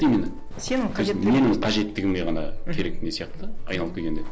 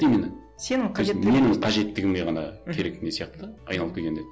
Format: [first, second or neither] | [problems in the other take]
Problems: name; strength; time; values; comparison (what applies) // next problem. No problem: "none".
second | background sound (Livestock, farm animals, working animals); 4 dB below the speech